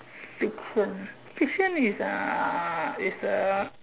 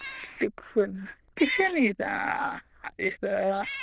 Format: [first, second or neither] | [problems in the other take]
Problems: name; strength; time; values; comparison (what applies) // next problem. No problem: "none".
first | noise reduction (neural diffusion model UNIVERSE++)